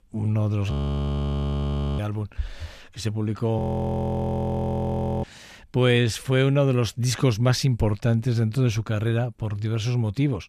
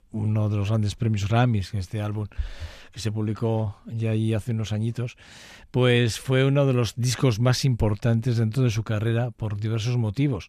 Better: second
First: audio freezing; at 0.5 s for 1.5 s and at 3.5 s for 1.5 s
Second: none

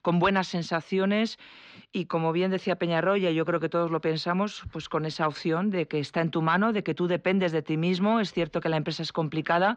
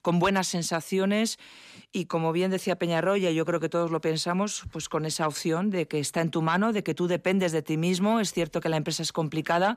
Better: second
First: muffled; very slightly; fading above 4.5 kHz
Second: none

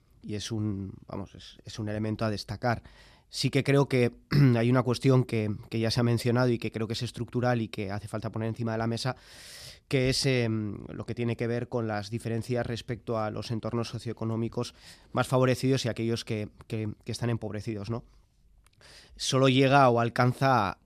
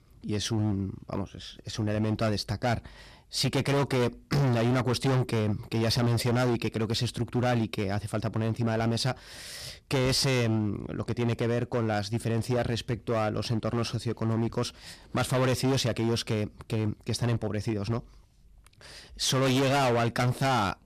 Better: first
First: none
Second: distortion; heavy; 17% of the sound clipped

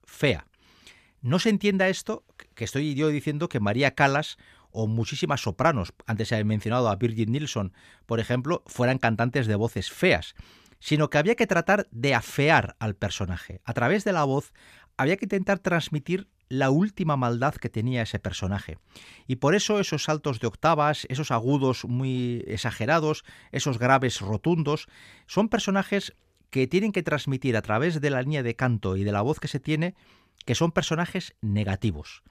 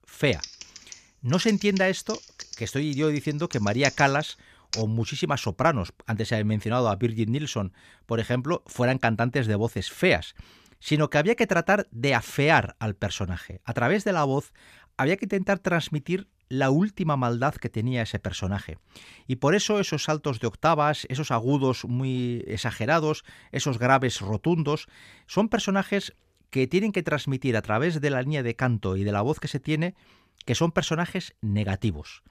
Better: first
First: none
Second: keyboard typing; noticeable; until 5 s; peak 8 dB below the speech

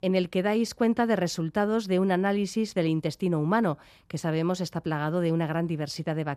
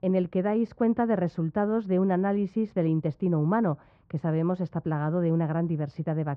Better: first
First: none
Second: muffled; very; fading above 1.5 kHz

